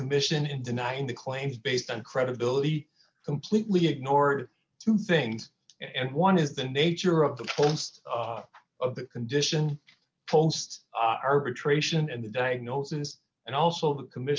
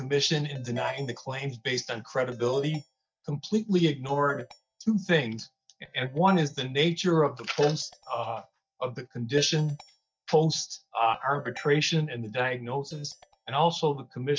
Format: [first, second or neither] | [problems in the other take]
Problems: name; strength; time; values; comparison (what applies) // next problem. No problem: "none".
first | noise reduction (neural mask model DeepFilterNet 3)